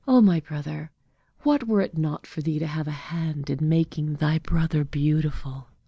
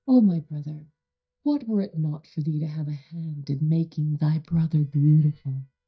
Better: first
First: none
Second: noise reduction (neural mask model DeepFilterNet 3)

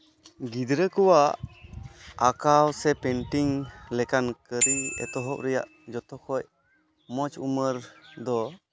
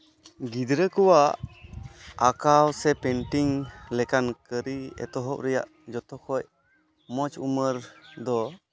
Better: second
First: background sound (Bicycle bell); 6 dB below the speech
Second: none

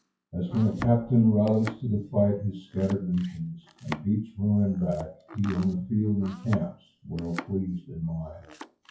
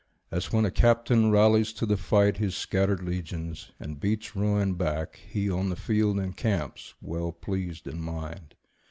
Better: second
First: noise reduction (classical method WPE with log-MMSE)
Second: none

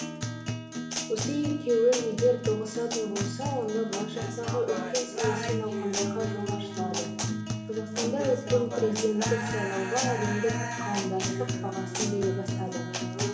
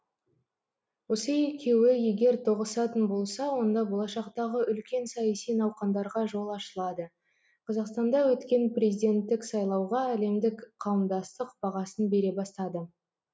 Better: second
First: background sound (Guitar); 2 dB below the speech // room echo; dies away in 0.9 s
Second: none

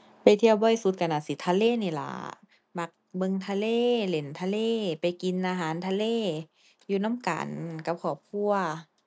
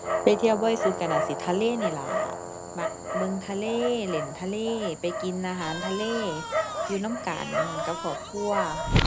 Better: first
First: none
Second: background sound (Dog); 2 dB below the speech

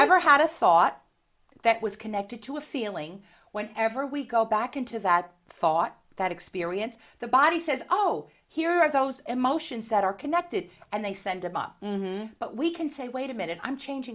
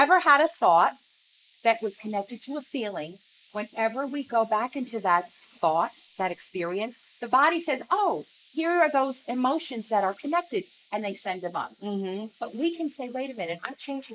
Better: first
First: none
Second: noise reduction (neural mask model Resemble Enhance denoiser)

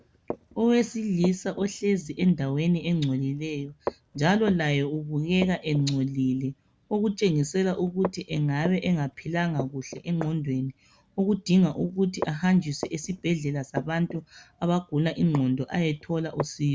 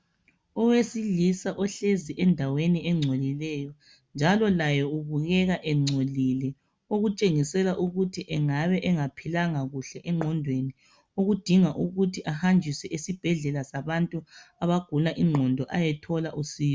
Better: second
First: background sound (Walk, footsteps); 15 dB below the speech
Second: none

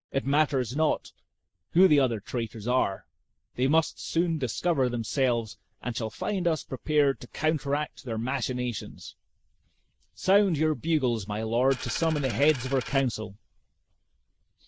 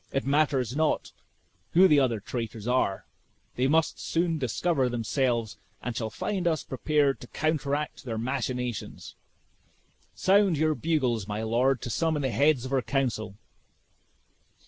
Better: second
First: noise reduction (neural mask model DeepFilterNet 3)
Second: none

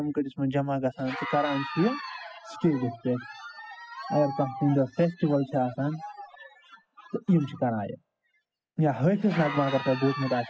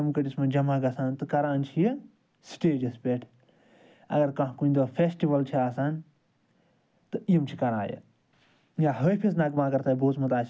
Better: second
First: noise reduction (classical method spectral subtraction)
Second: none

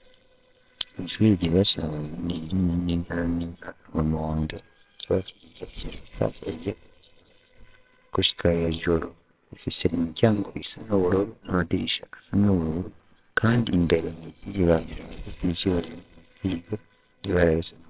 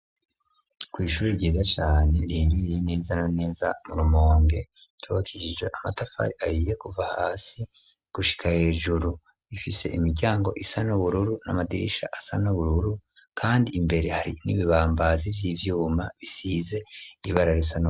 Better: second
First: noise reduction (neural separator model SepFormer WHAMR!)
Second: none

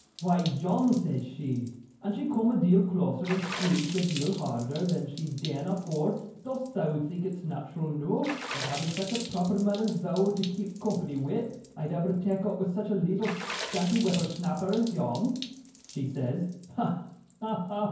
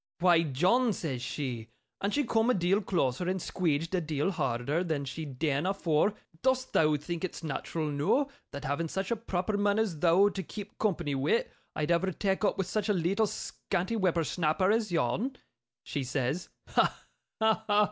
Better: second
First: background sound (Water / Splash, splatter); 14 dB below the speech // room echo; dies away in 0.9 s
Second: none

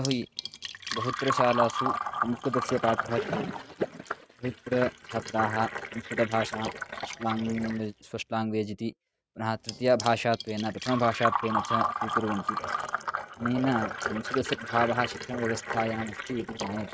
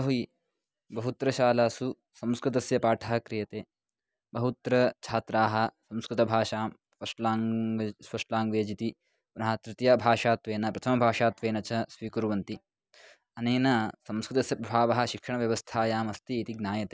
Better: second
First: noise reduction (neural mask model RNNoise)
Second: none

